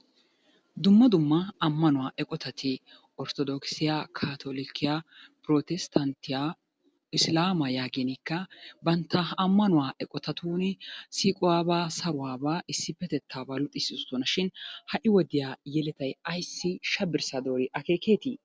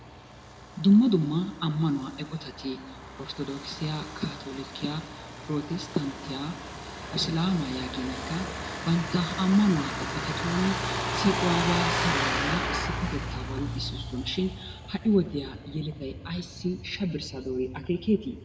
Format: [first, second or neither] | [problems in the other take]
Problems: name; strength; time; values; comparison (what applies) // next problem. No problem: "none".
first | background sound (Truck); 5 dB below the speech // room echo; dies away in 1.2 s